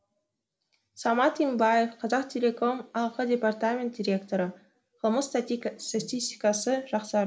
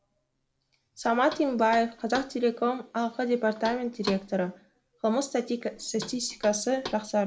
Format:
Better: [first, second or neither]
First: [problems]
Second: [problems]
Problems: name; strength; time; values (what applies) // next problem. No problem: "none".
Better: first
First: none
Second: background sound (Knock); 17 dB below the speech